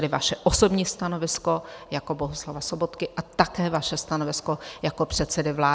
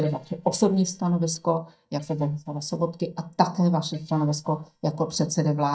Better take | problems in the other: first | noise reduction (neural mask model DeepFilterNet 3)

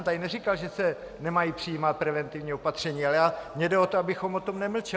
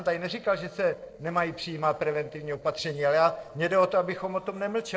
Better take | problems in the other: first | noise reduction (neural separator model SepFormer DNS4)

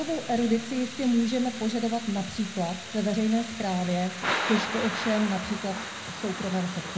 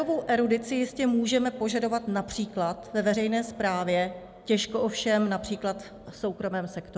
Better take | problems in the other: second | background sound (Thunder / Rain); 7 dB below the speech // room echo; dies away in 0.3 s

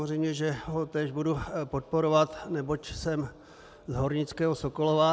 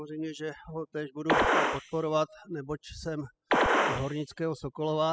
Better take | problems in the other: first | noise reduction (classical method spectral subtraction)

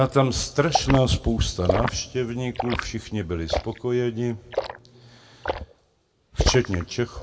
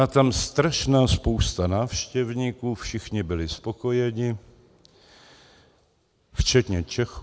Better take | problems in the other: second | background sound (Liquid); 6 dB below the speech // room echo; dies away in 1.8 s

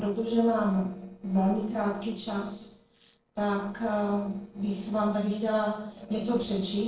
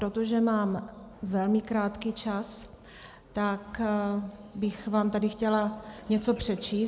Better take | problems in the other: second | noise reduction (neural separator model SepFormer DNS4)

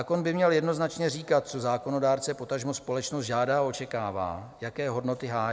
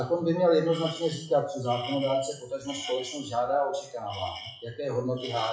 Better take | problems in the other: first | noise reduction (classical method WPE with log-MMSE)

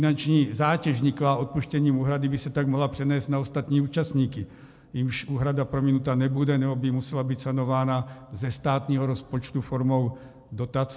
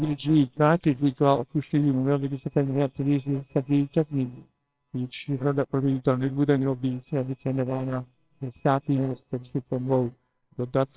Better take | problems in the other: first | noise reduction (neural separator model SepFormer WHAMR!)

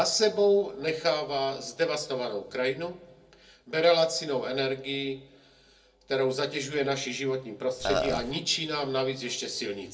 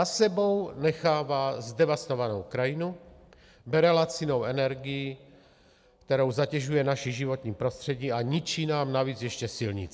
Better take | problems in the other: second | background sound (Burping, eructation); as loud as the speech // room echo; dies away in 0.2 s

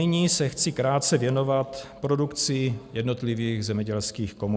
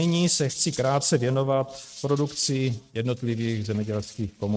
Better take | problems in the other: first | noise reduction (neural mask model RNNoise)

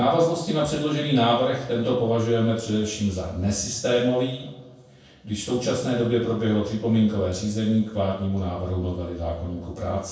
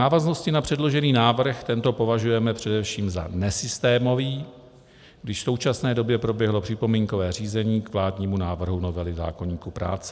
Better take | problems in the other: second | room echo; dies away in 0.6 s

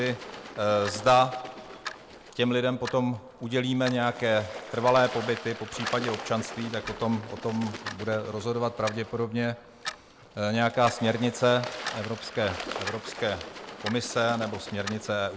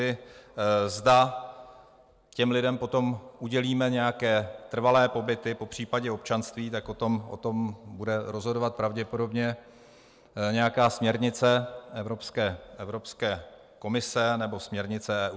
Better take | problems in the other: second | background sound (Water / Bird + Clock); 12 dB below the speech

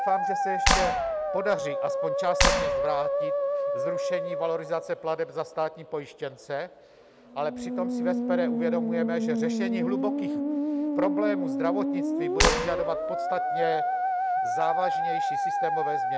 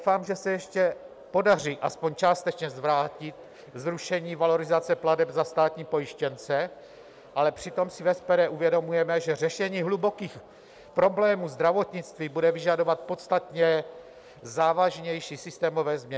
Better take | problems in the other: second | background sound (Clapping + Musical instrument); 4 dB above the speech

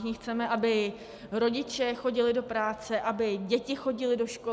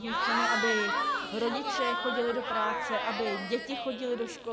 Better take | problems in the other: first | background sound (Crowd / Cheering); 1 dB above the speech

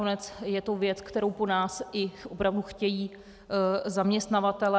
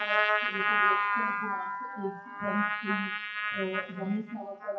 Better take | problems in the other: first | noise reduction (classical method WPE with log-MMSE)

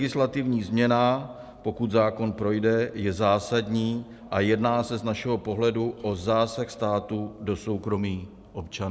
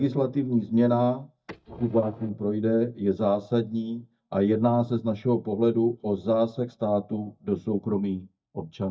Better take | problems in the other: first | noise reduction (neural mask model DeepFilterNet 3)

